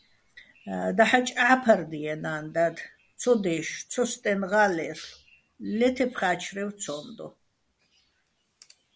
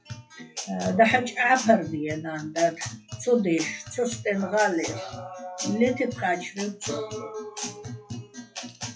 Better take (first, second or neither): first